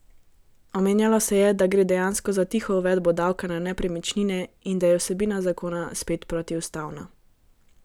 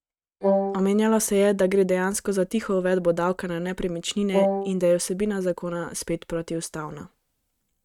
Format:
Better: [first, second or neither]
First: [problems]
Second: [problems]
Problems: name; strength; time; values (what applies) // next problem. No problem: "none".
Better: first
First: none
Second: noise reduction (neural mask model RNNoise)